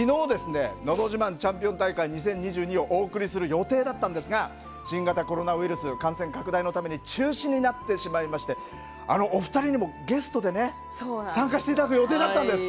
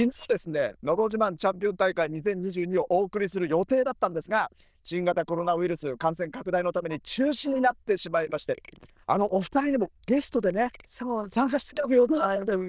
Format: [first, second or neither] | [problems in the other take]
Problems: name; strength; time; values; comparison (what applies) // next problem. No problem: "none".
first | noise reduction (neural diffusion model UNIVERSE++)